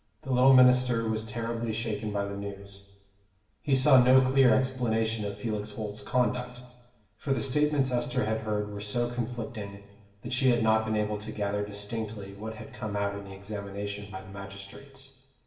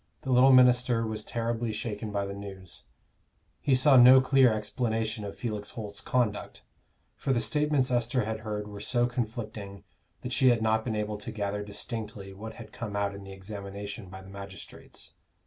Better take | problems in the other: second | room echo; dies away in 1.1 s

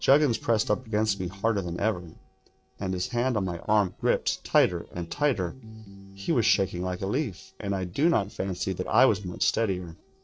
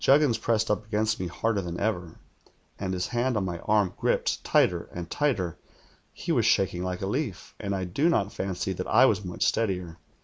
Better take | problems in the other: second | noise reduction (neural separator model SepFormer DNS4)

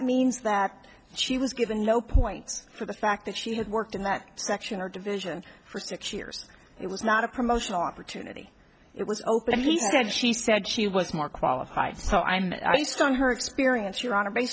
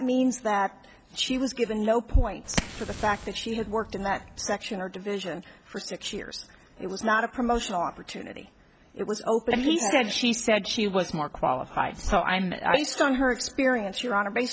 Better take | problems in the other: first | background sound (Fire); 10 dB below the speech

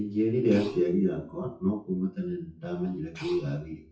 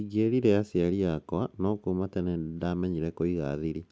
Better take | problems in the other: second | noise reduction (classical method WPE with log-MMSE)

